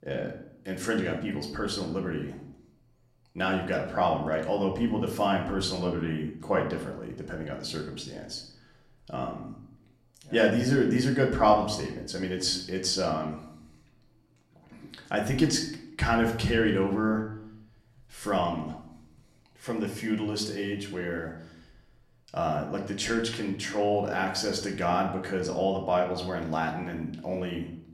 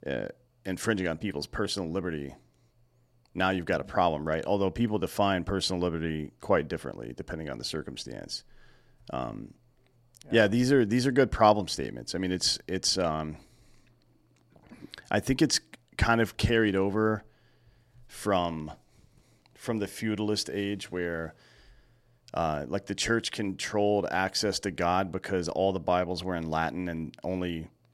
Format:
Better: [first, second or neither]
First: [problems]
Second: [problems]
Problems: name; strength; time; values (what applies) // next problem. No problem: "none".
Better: second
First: room echo; slight; dies away in 0.6 s // off-mic speech; somewhat distant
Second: none